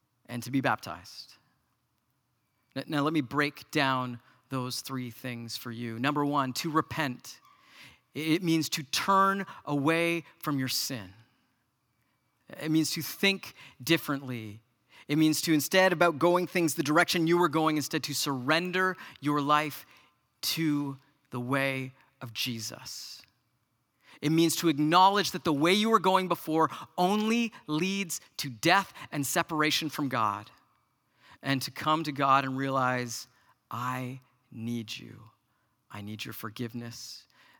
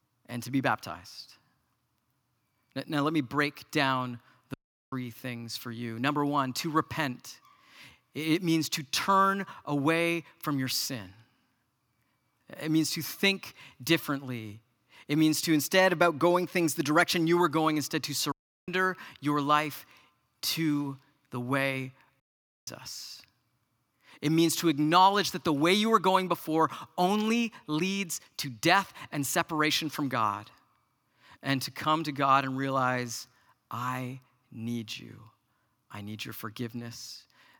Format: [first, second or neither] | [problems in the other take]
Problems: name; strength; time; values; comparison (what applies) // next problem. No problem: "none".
first | audio cutting out; at 4.5 s, at 18 s and at 22 s